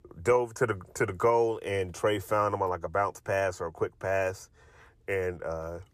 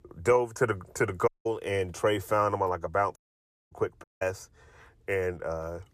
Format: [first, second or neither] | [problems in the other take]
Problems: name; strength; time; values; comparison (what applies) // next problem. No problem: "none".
first | audio cutting out; at 1.5 s, at 3 s for 0.5 s and at 4 s